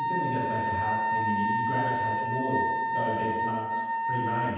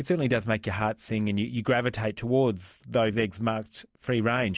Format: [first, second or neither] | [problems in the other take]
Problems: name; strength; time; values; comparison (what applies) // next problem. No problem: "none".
second | background sound (Wind instrument, woodwind instrument); 5 dB above the speech // room echo; dies away in 1.2 s